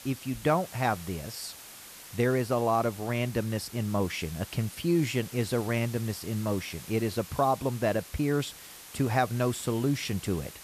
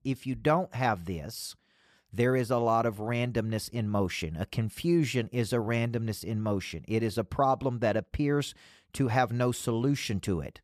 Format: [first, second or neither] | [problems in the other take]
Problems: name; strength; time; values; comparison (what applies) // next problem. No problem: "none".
second | hiss; noticeable; throughout; 15 dB below the speech